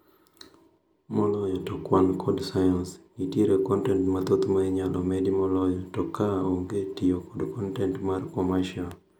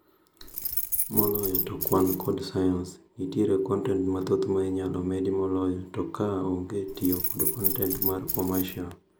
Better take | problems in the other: first | background sound (Keys jangling); 2 dB below the speech

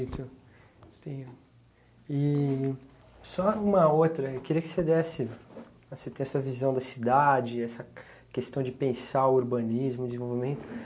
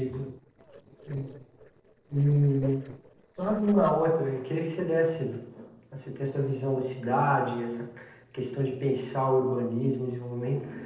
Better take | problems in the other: first | noise reduction (neural separator model SepFormer DNS4)

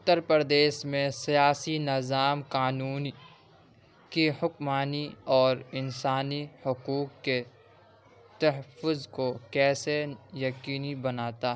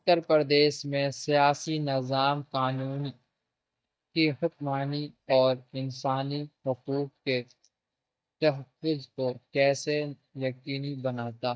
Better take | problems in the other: first | noise reduction (neural mask model DeepFilterNet 3)

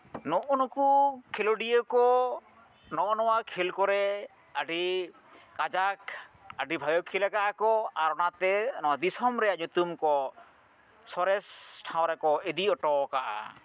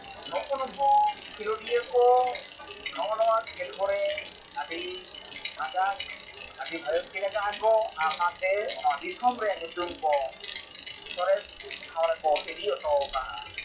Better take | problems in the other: first | noise reduction (classical method WPE with log-MMSE)

